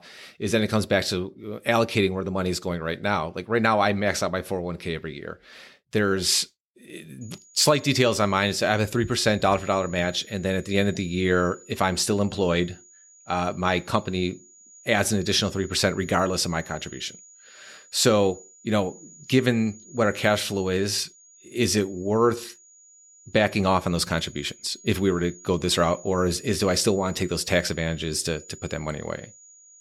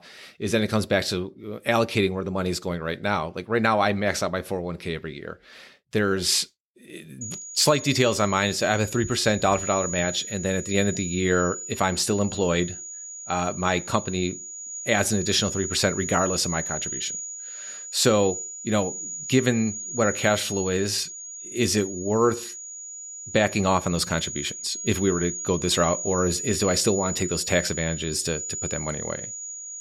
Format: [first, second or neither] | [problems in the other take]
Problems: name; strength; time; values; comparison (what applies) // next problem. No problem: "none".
first | high-pitched whine; loud; from 7 s on; 7 kHz, 7 dB below the speech; faint in the first